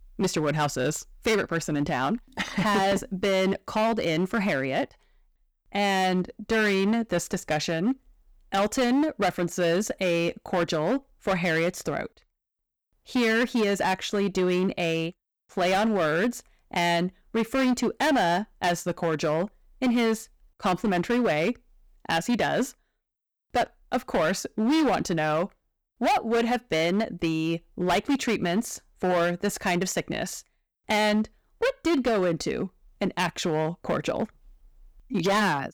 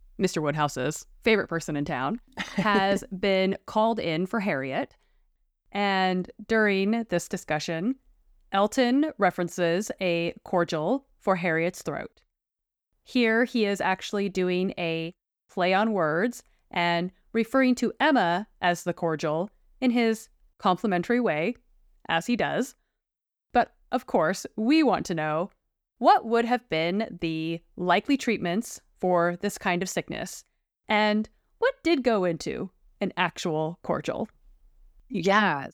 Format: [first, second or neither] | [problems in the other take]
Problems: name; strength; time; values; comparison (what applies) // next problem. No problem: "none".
second | distortion; heavy; 12% of the sound clipped